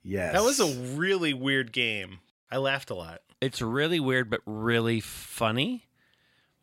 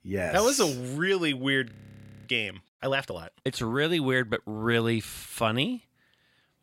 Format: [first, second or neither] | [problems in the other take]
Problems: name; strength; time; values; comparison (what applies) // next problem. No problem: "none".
first | audio freezing; at 1.5 s for 0.5 s